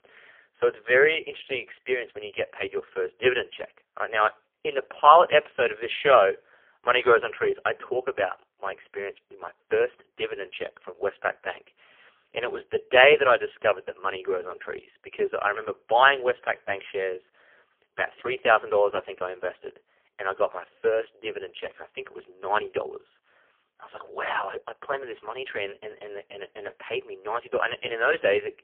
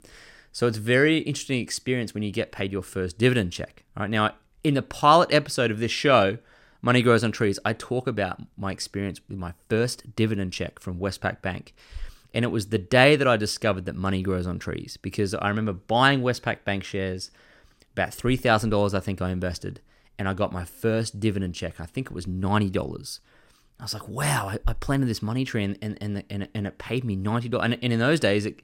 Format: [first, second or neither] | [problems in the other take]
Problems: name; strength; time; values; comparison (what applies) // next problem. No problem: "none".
second | phone-call audio; poor line; nothing above 3 kHz